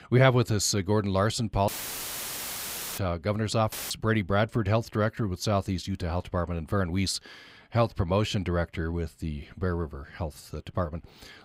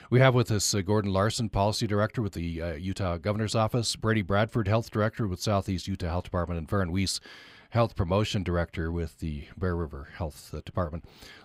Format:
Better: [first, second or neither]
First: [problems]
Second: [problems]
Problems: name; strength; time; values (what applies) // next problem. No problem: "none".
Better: second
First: audio cutting out; filled with static; at 1.5 s for 1.5 s and at 3.5 s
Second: none